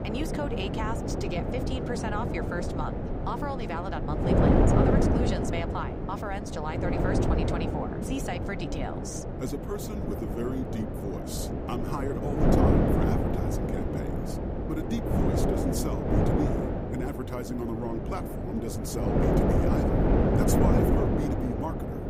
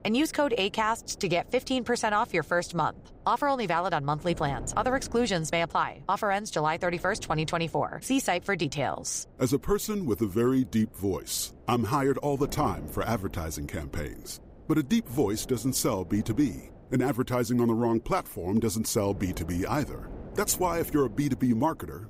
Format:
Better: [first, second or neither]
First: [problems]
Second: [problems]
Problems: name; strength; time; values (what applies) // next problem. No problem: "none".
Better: second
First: wind noise on the microphone; heavy; 4 dB above the speech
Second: wind noise on the microphone; occasional gusts; 25 dB below the speech